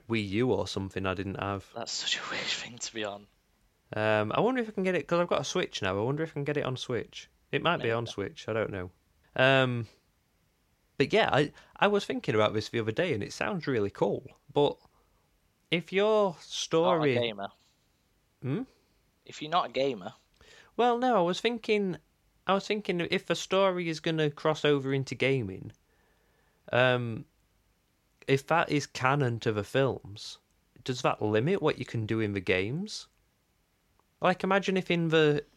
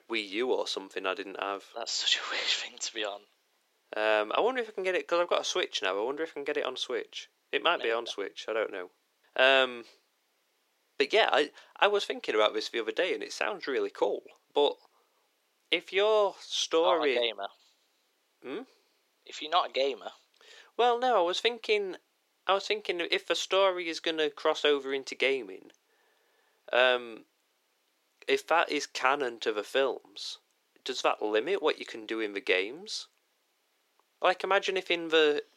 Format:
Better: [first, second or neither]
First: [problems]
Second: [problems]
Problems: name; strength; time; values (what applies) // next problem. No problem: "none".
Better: first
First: none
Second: thin; somewhat; fading below 350 Hz